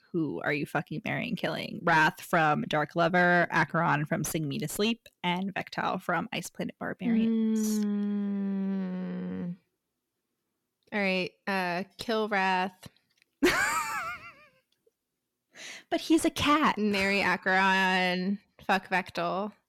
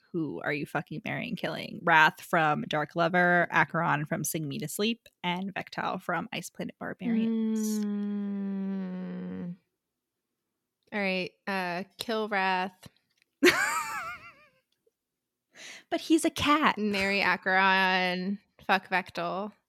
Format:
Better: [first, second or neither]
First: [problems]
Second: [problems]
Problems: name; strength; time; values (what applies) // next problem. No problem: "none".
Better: second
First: distortion; slight; 10 dB below the speech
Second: none